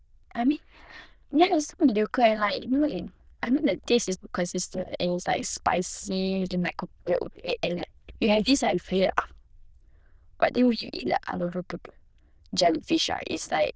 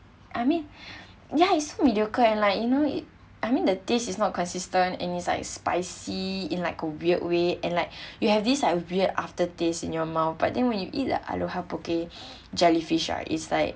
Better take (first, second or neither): second